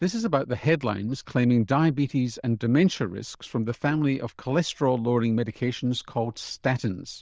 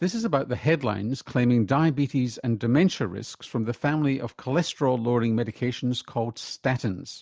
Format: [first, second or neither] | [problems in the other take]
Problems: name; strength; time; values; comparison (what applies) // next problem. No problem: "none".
second | noise reduction (neural diffusion model UNIVERSE++)